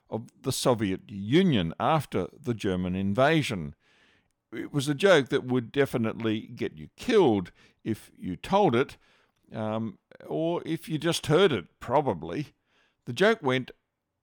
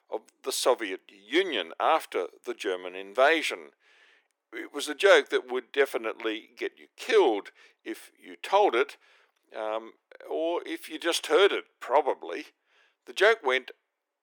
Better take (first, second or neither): first